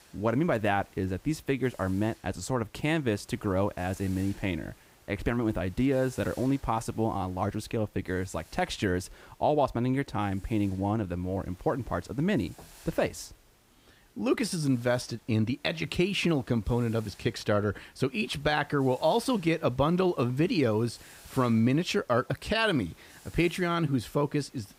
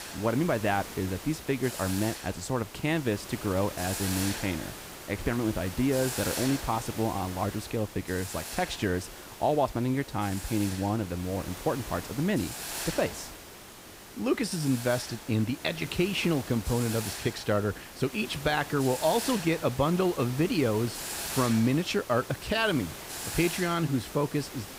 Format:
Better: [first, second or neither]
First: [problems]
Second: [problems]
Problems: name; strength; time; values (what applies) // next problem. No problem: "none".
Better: first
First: hiss; faint; throughout; 25 dB below the speech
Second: hiss; loud; throughout; 9 dB below the speech